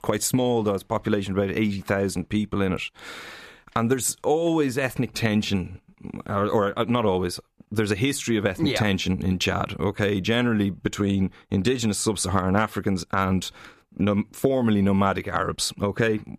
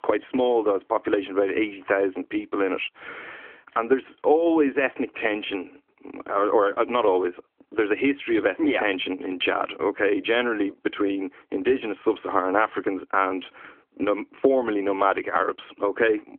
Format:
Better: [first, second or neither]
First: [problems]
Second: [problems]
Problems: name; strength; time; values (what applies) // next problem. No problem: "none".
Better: first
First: none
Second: phone-call audio; nothing above 3.5 kHz